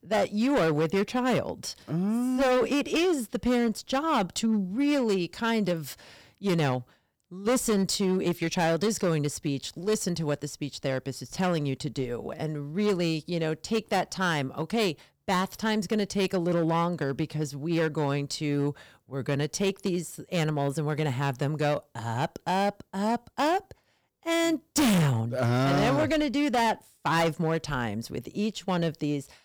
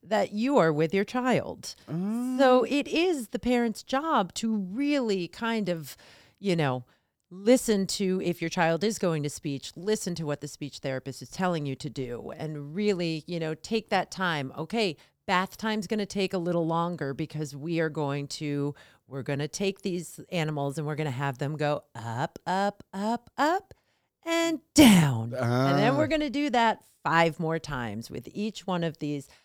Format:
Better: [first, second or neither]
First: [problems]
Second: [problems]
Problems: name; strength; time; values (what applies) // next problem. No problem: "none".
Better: second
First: distortion; heavy; 9% of the sound clipped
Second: none